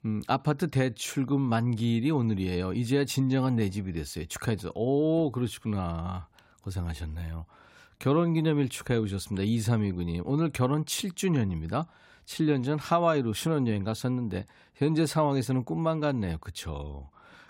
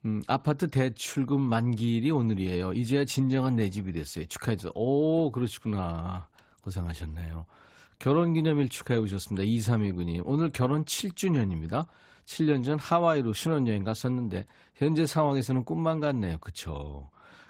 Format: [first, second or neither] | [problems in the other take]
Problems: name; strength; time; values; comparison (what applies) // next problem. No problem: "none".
first | garbled, watery; slightly; nothing above 16 kHz